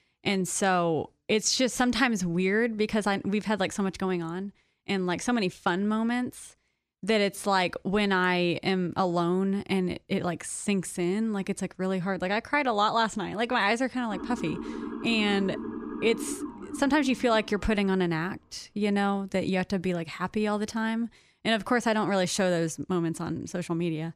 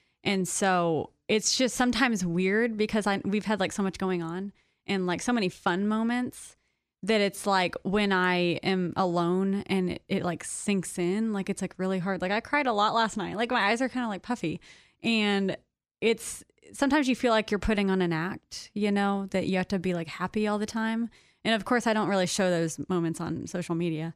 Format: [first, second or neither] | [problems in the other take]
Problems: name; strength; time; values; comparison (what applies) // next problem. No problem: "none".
second | siren; noticeable; from 14 to 18 s; peak 8 dB below the speech